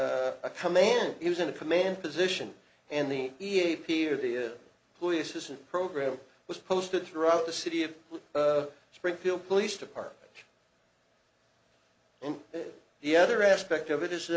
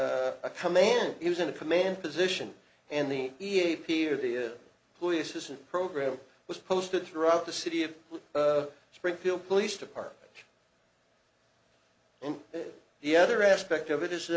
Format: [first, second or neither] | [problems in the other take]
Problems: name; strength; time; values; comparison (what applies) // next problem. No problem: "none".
second | background sound (Cowbell); 13 dB below the speech